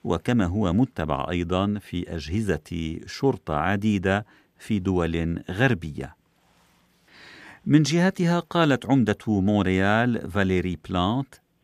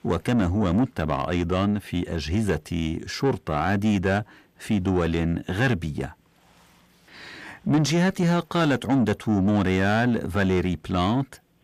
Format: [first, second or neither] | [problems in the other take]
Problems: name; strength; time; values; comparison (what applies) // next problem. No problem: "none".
first | distortion; slight; 10 dB below the speech